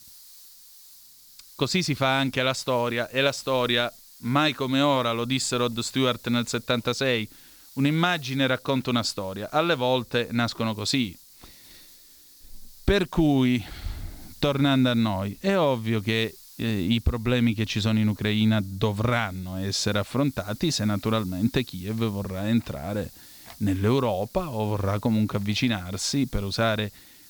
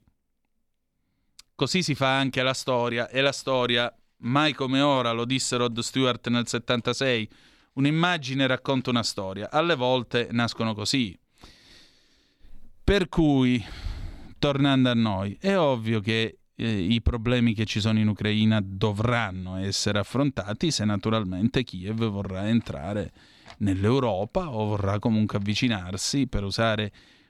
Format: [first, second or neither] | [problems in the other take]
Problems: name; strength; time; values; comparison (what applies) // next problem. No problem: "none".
second | hiss; faint; throughout; 20 dB below the speech